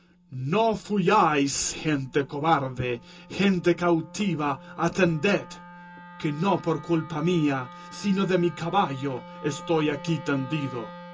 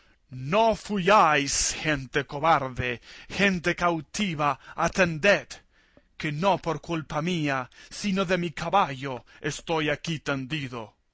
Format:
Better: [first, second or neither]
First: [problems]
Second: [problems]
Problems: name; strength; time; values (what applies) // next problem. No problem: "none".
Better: second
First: background sound (Wind instrument, woodwind instrument); 18 dB below the speech // room echo; dies away in 0.2 s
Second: none